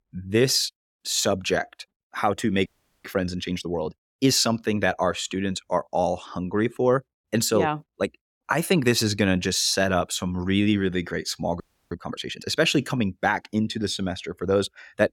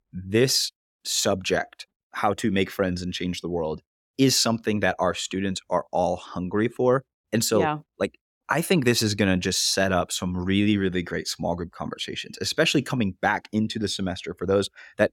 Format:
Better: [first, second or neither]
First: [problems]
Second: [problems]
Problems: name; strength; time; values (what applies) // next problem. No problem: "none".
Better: second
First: audio freezing; at 2.5 s and at 12 s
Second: none